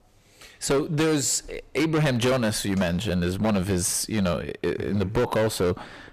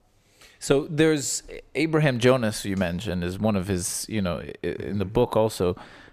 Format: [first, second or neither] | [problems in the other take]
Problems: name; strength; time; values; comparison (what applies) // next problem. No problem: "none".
second | distortion; heavy; 13% of the sound clipped